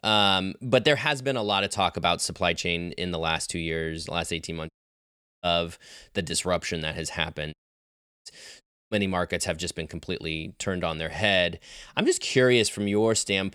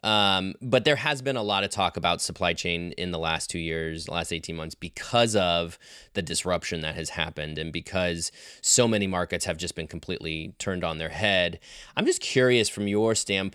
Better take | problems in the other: second | audio cutting out; at 4.5 s for 0.5 s, at 7.5 s for 0.5 s and at 8.5 s

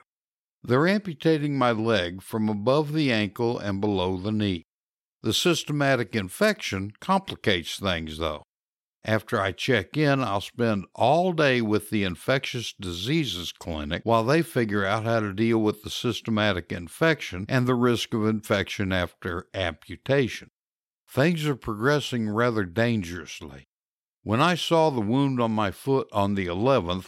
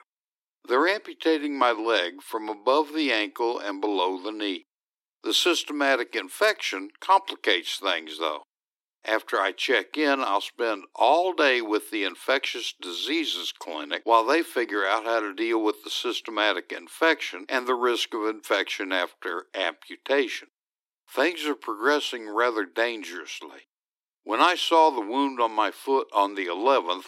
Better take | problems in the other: first | thin; somewhat; fading below 300 Hz

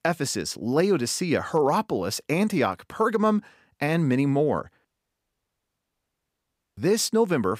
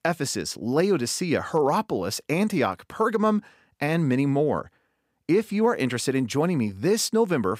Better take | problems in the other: second | audio cutting out; at 5 s for 2 s

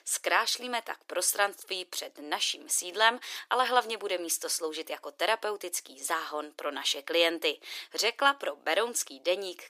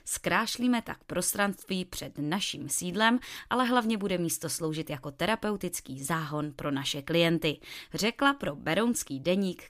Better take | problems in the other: second | thin; very; fading below 400 Hz

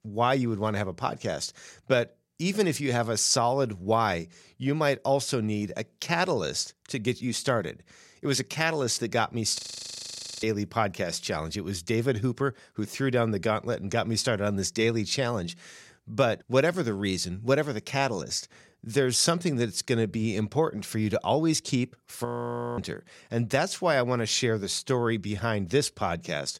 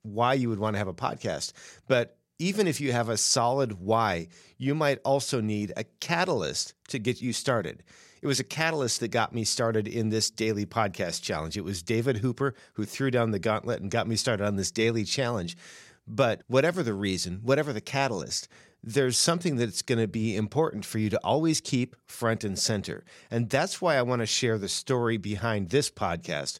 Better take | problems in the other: second | audio freezing; at 9.5 s for 1 s and at 22 s for 0.5 s

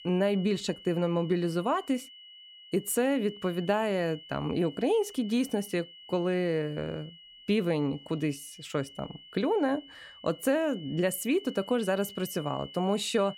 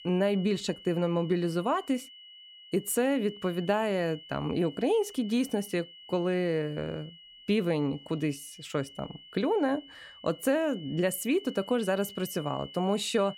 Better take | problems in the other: neither | high-pitched whine; noticeable; throughout; 3 kHz, 15 dB below the speech; the same in both

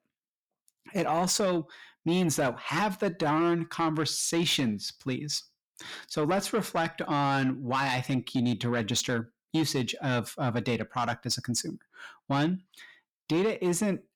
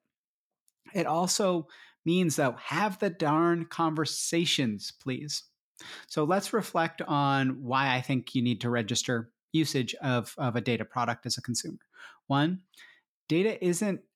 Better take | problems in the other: second | distortion; slight; 10 dB below the speech

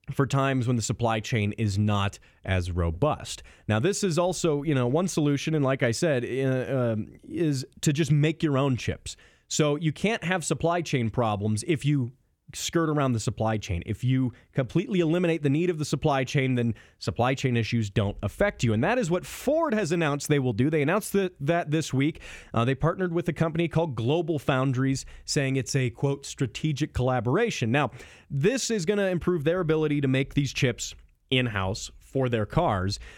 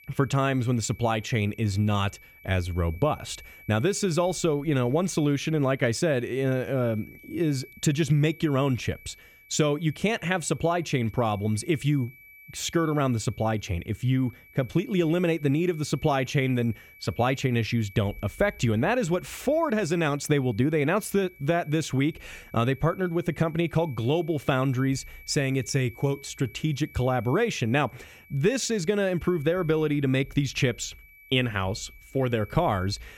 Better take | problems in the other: first | high-pitched whine; faint; throughout; 2.5 kHz, 25 dB below the speech

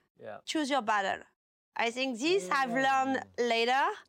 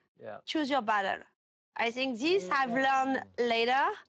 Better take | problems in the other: first | garbled, watery; slightly; nothing above 7.5 kHz

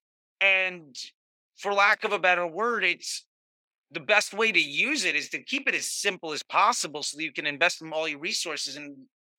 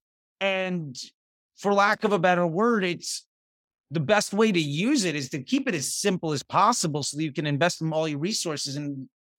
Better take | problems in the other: second | thin; somewhat; fading below 400 Hz

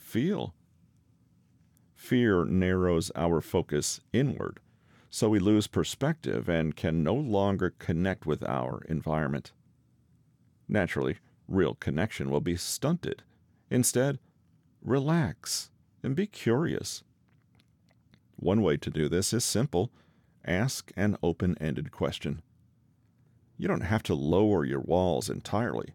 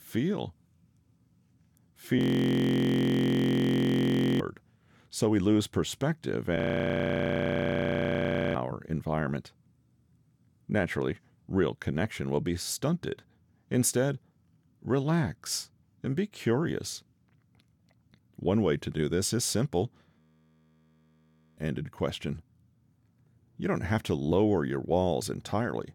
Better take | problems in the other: first | audio freezing; at 2 s for 2 s, at 6.5 s for 2 s and at 20 s for 1.5 s

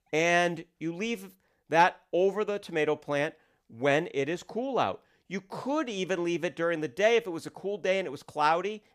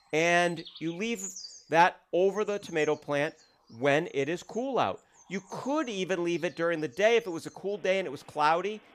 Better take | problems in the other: first | animal sounds; noticeable; throughout; 20 dB below the speech

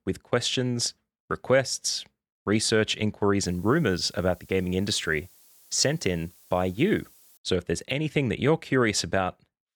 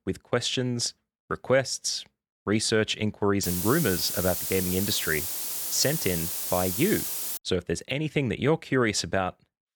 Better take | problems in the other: first | hiss; loud; from 3.5 to 7.5 s; 2 dB below the speech; faint in the first

